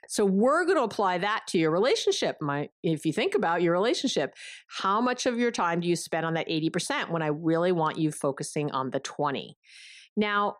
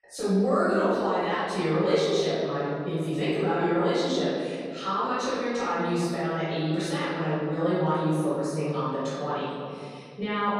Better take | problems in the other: first | off-mic speech; far // room echo; strong; dies away in 2.2 s

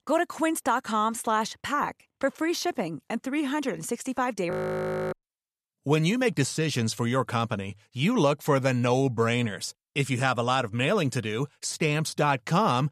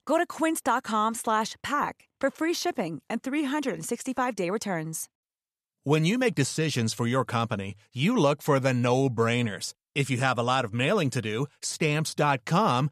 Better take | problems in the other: second | audio freezing; at 4.5 s for 0.5 s

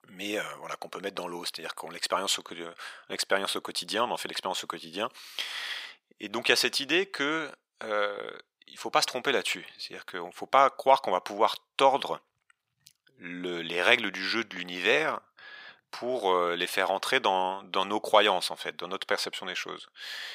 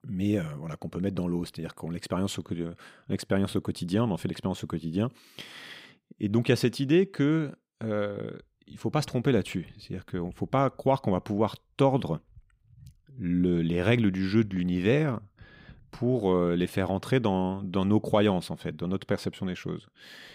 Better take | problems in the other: second | thin; very; fading below 850 Hz

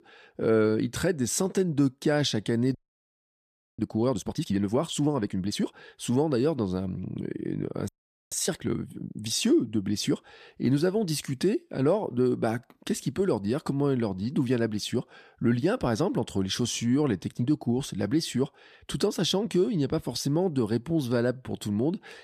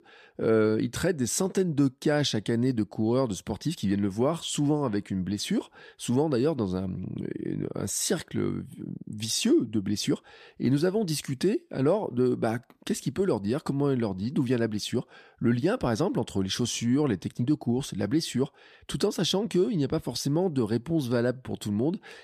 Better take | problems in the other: second | audio freezing; at 3 s for 1 s and at 8 s

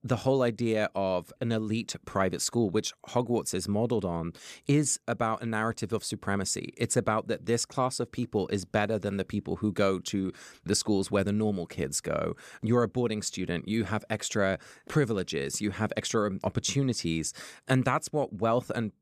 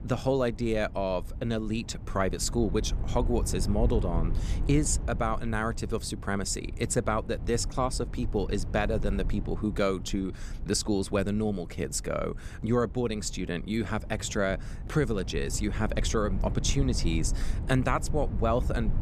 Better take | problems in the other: first | low rumble; noticeable; throughout; 15 dB below the speech

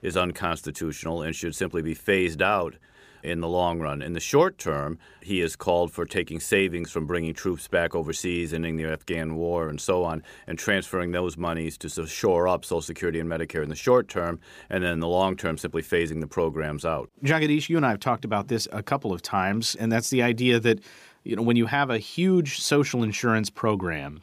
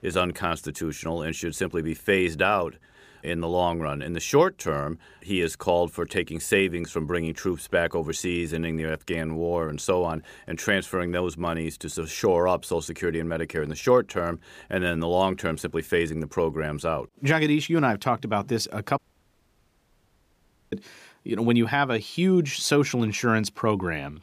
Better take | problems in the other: first | audio cutting out; at 19 s for 1.5 s

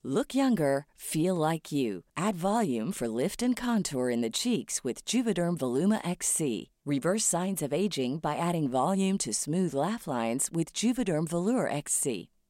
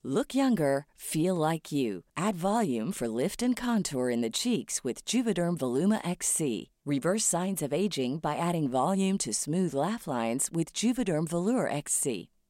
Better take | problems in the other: neither | none

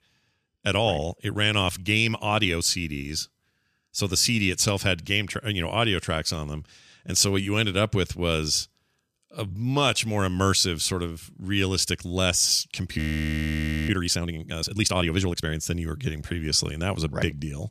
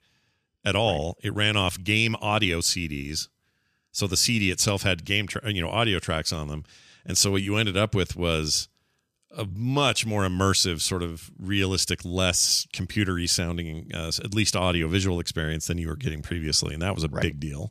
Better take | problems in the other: second | audio freezing; at 13 s for 1 s

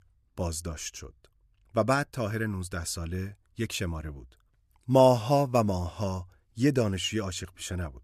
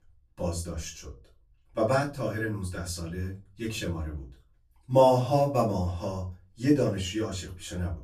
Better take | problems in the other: first | room echo; slight; dies away in 0.3 s // off-mic speech; far

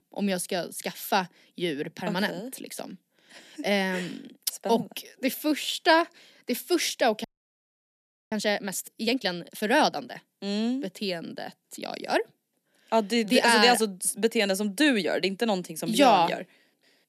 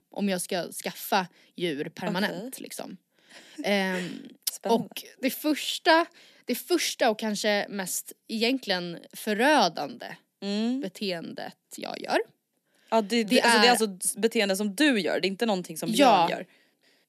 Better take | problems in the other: second | audio freezing; at 7 s for 1 s

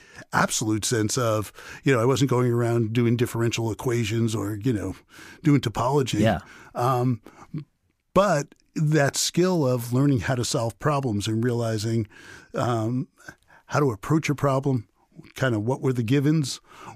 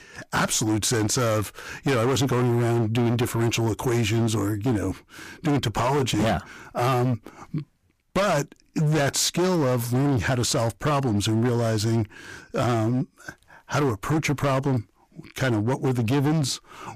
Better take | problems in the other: first | distortion; heavy; 20% of the sound clipped

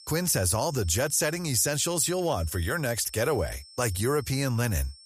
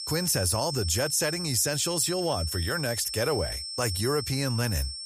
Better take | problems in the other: first | high-pitched whine; loud; throughout; 5.5 kHz, 6 dB below the speech; faint in the first

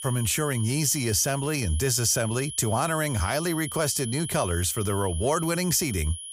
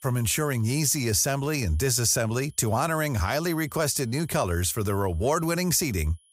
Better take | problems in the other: second | high-pitched whine; loud; throughout; 10.5 kHz, 9 dB below the speech; faint in the second

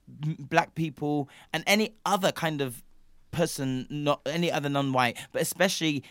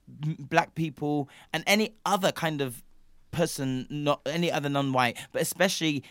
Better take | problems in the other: neither | none

